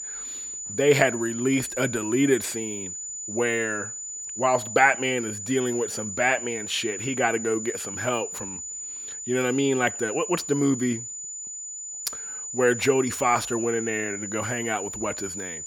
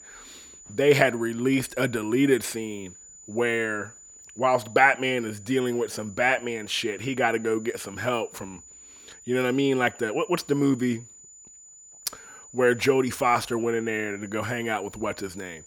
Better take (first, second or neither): second